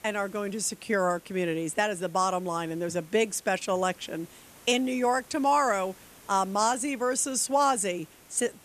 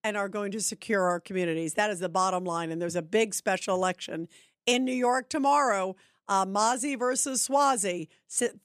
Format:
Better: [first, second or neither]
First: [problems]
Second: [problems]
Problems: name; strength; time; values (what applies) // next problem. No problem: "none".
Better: second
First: hiss; faint; throughout; 25 dB below the speech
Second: none